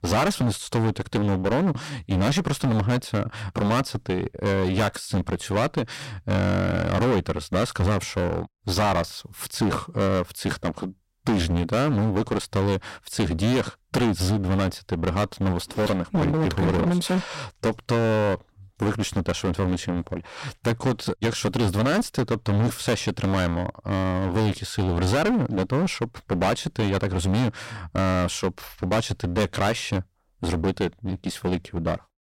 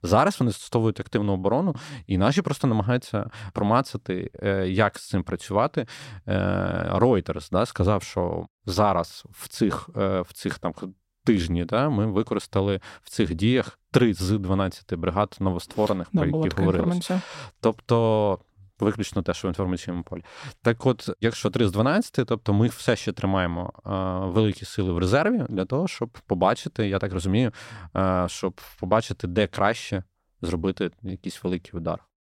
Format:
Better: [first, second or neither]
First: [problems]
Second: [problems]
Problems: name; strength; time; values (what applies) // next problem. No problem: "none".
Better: second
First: distortion; heavy; 19% of the sound clipped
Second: none